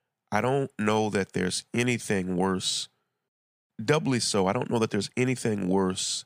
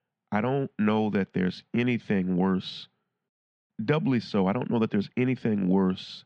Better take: first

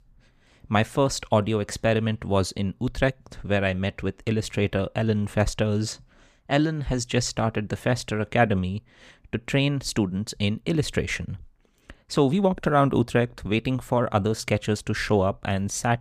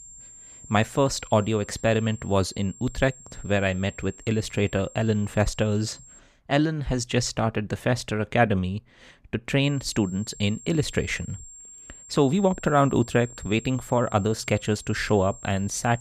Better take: first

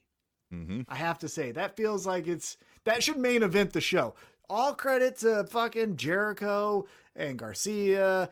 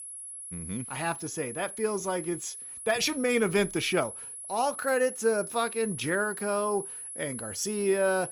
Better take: first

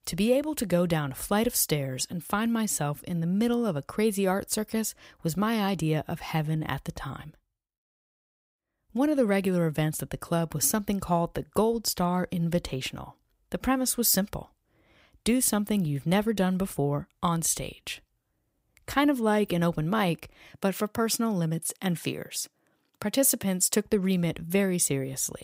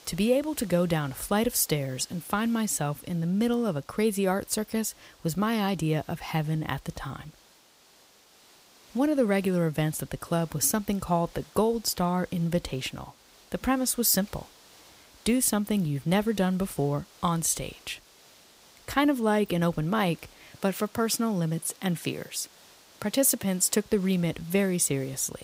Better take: first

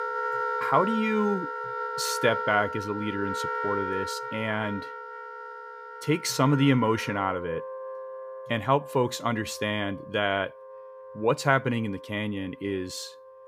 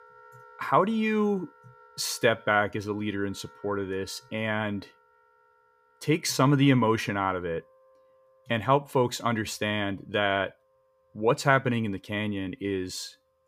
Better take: second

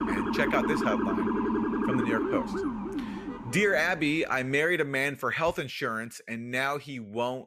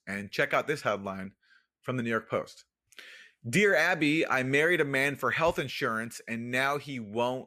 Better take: second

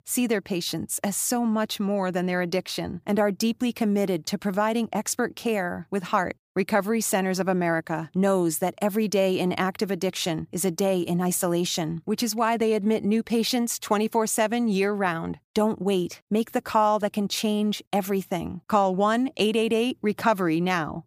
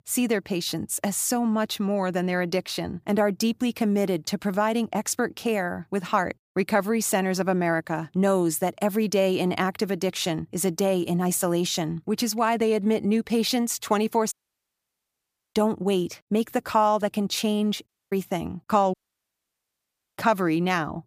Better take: first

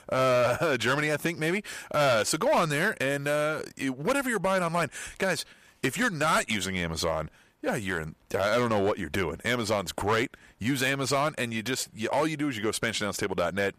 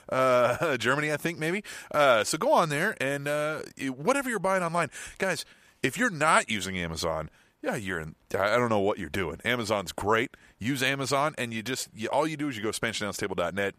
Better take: second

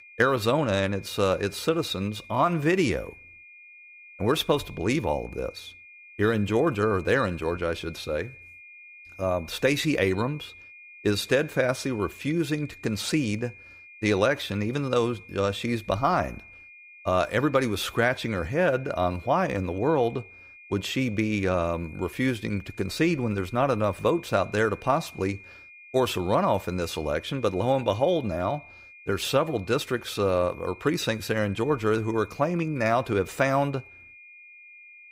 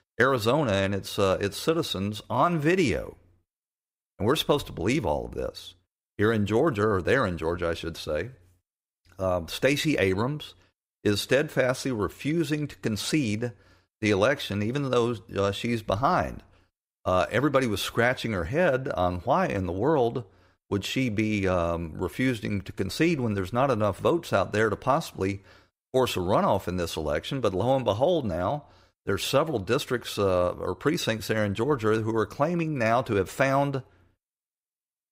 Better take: second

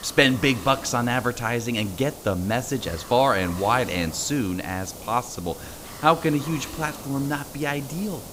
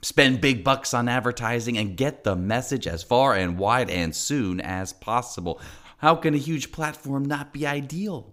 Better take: second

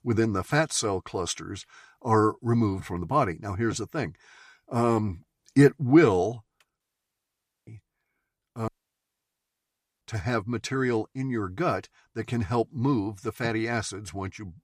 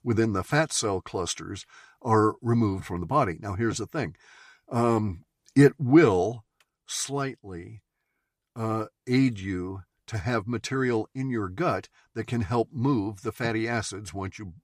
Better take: second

